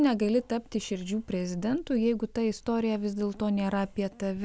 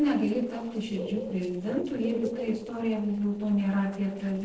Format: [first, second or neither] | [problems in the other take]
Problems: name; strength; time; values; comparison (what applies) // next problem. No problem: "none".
first | noise reduction (neural separator model SepFormer DNS4)